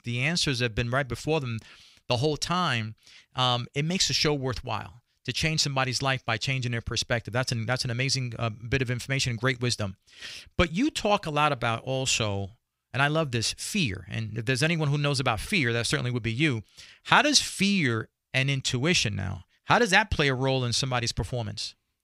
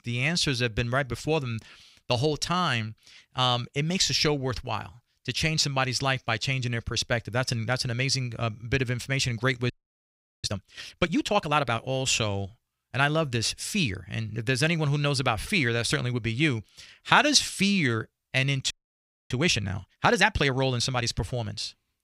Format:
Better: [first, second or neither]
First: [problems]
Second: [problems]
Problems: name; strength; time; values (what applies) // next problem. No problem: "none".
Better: first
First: none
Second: audio freezing; at 9.5 s for 0.5 s and at 19 s for 0.5 s